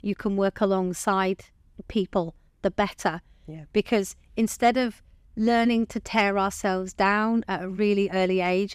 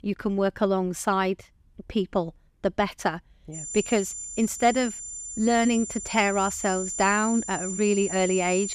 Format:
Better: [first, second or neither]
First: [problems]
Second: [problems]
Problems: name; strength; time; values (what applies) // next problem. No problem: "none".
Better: first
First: none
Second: high-pitched whine; loud; from 3.5 s on; 7 kHz, 7 dB below the speech